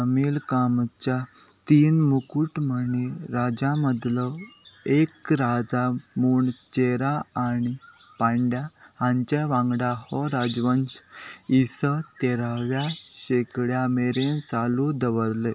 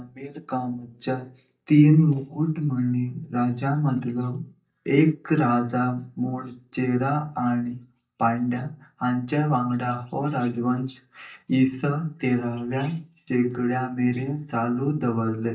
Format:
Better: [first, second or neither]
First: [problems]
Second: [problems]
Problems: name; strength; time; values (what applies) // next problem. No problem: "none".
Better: first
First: none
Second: noise reduction (neural mask model DeepFilterNet 3)